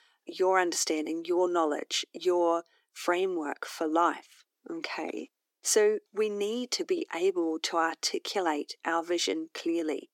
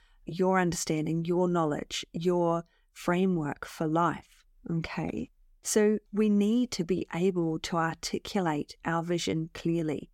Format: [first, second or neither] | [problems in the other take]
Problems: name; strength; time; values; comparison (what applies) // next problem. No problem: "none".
second | thin; very; fading below 300 Hz